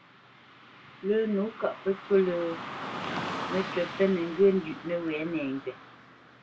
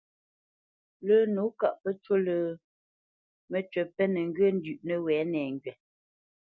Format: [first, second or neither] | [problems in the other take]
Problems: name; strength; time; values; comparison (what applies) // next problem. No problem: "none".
second | background sound (Car passing by / Traffic noise, roadway noise); 10 dB below the speech // room echo; dies away in 0.2 s